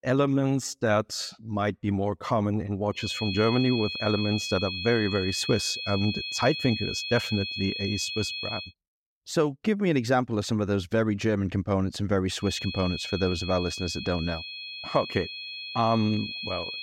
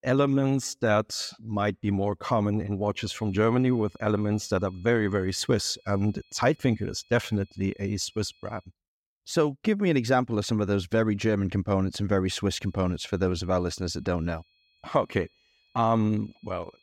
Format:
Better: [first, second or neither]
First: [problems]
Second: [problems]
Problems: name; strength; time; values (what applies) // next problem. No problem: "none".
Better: second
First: high-pitched whine; loud; from 3 to 8.5 s and from 12 s on; 2.5 kHz, 5 dB below the speech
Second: high-pitched whine; faint; from 3 to 8.5 s and from 12 s on; 2.5 kHz, 35 dB below the speech